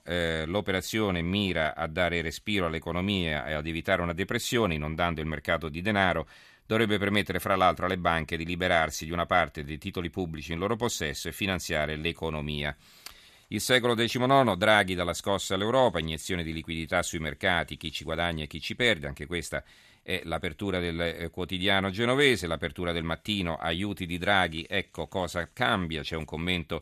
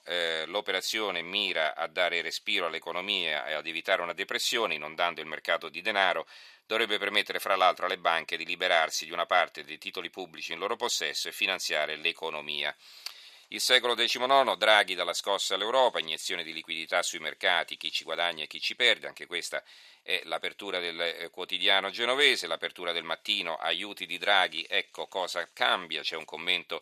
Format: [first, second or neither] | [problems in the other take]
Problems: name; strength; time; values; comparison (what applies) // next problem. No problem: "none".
first | thin; very; fading below 550 Hz